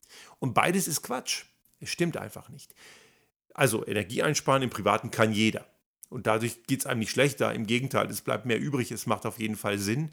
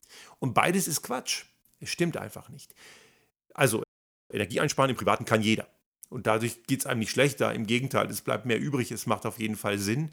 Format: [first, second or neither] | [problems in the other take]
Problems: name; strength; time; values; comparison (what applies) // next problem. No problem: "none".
first | audio freezing; at 4 s